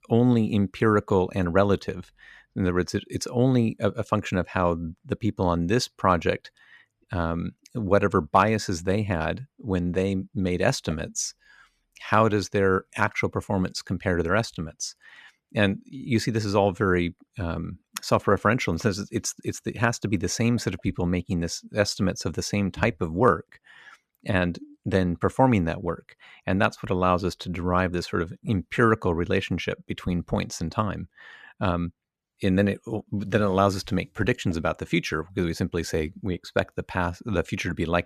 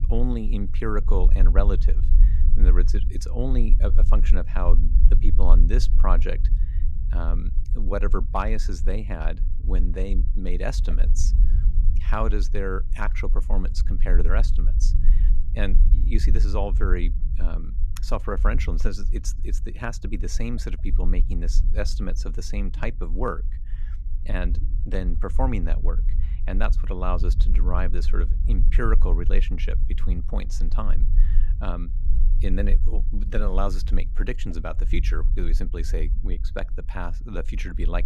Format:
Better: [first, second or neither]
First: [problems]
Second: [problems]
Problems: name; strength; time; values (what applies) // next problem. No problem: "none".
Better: first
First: none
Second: low rumble; noticeable; throughout; 15 dB below the speech